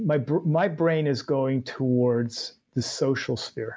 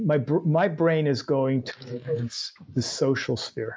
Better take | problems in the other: first | noise reduction (neural mask model Resemble Enhance denoiser)

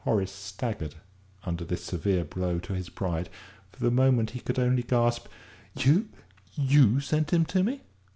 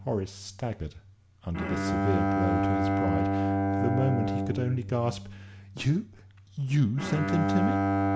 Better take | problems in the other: first | background sound (Bowed string instrument); 1 dB above the speech

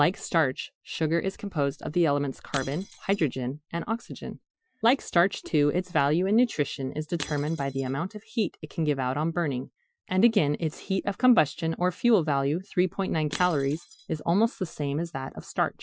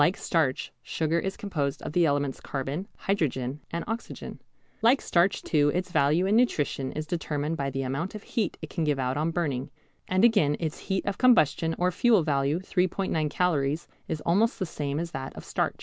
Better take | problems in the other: second | noise reduction (classical method Wiener filter)

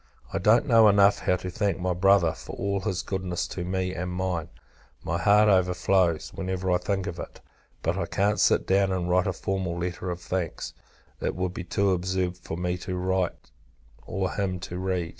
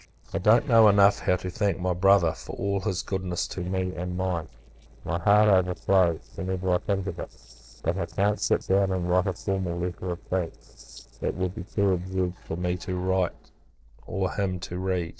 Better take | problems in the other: first | noise reduction (neural separator model SepFormer DNS4)

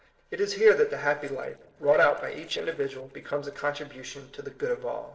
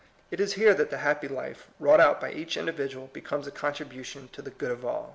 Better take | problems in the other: second | noise reduction (neural separator model SepFormer DNS4)

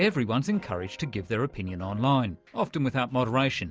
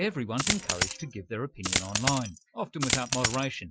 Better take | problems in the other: first | noise reduction (classical method Wiener filter)

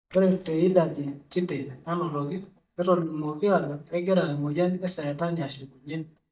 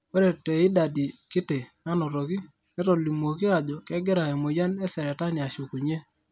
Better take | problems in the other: second | noise reduction (neural mask model DeepFilterNet 3)

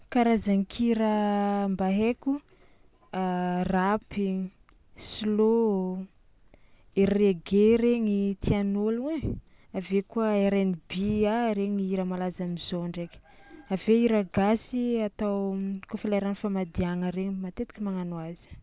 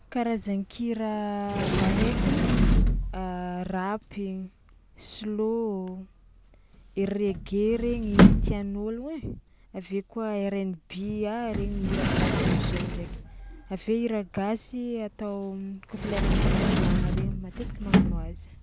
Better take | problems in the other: first | background sound (Sliding door); 3 dB above the speech

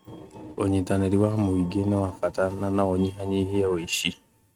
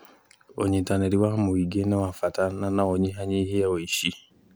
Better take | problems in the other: second | noise reduction (neural mask model RNNoise)

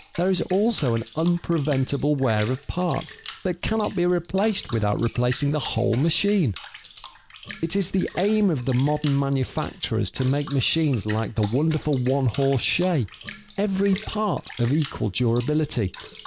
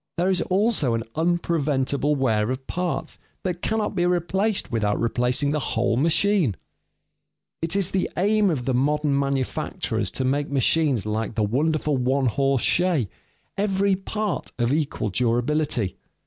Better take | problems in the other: second | background sound (Bathtub (filling or washing) / Water); 19 dB below the speech

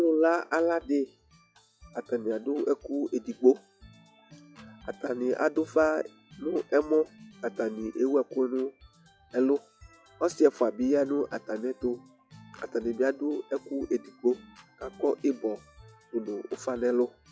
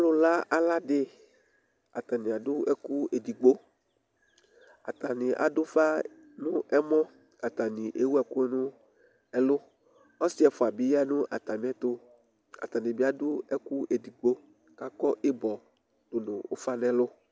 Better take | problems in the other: second | noise reduction (classical method log-MMSE)

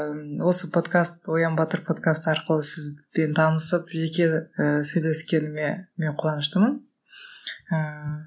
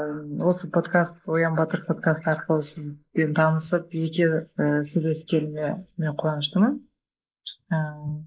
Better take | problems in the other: first | noise reduction (neural mask model Resemble Enhance denoiser)

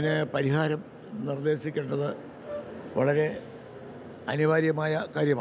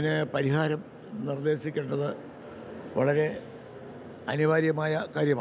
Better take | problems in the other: second | background sound (Brass instrument); 17 dB below the speech

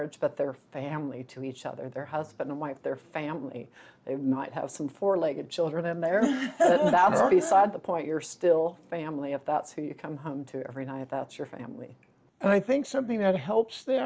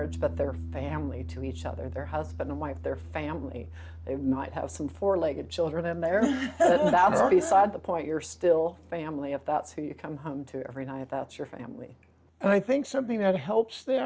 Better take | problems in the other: first | background sound (Piano); 14 dB below the speech

